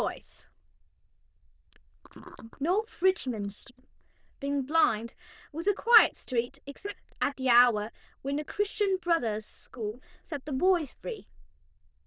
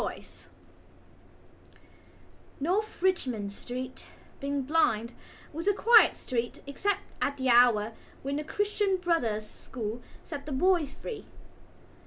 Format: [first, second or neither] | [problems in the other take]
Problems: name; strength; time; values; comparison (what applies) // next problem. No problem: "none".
second | noise reduction (neural diffusion model UNIVERSE++)